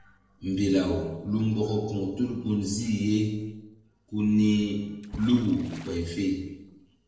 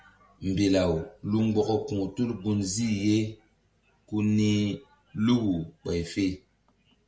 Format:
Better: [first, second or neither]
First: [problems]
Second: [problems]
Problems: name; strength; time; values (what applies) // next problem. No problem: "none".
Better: second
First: noise reduction (neural separator model SepFormer DNS4)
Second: none